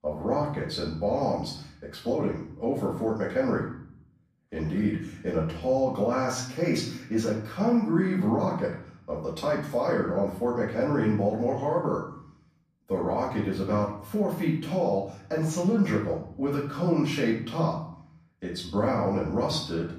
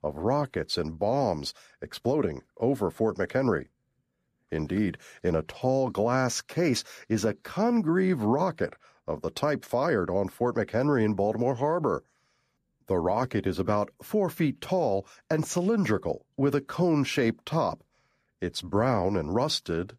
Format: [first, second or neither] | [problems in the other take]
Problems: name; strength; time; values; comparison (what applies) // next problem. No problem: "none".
second | off-mic speech; far // room echo; noticeable; dies away in 0.6 s